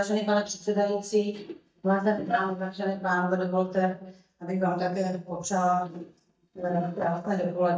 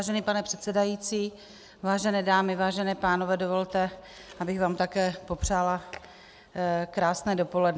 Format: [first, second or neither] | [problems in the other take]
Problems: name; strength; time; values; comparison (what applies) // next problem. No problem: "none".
second | noise reduction (neural mask model DeepFilterNet 3)